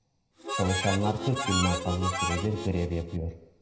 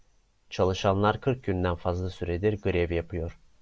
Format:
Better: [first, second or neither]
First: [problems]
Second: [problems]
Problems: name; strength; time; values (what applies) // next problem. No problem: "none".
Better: second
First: background sound (Harmonica); 3 dB below the speech // room echo; dies away in 0.7 s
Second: none